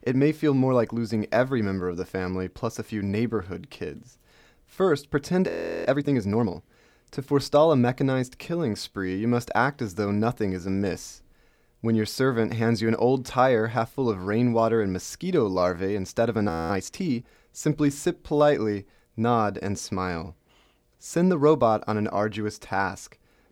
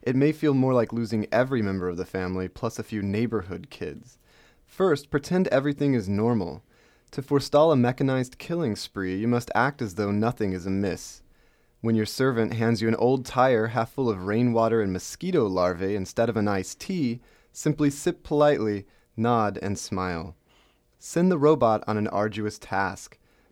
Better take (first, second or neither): second